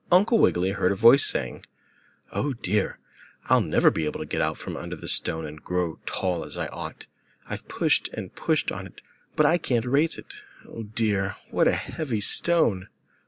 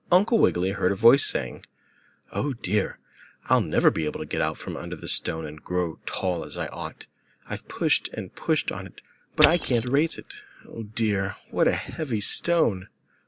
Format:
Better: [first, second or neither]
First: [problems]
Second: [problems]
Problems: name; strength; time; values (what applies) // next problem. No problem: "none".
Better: first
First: none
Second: background sound (Crushing); 5 dB below the speech